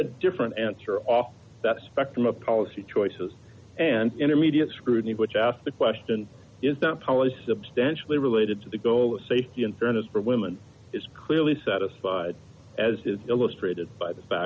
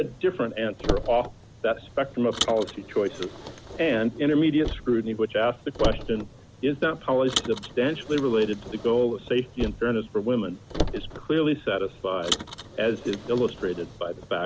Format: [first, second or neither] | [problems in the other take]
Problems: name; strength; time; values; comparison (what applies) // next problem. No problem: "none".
first | background sound (Car); 9 dB below the speech